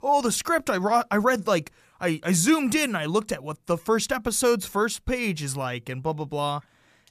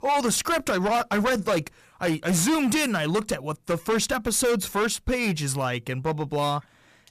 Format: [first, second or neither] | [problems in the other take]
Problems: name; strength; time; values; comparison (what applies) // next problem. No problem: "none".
first | distortion; heavy; 14% of the sound clipped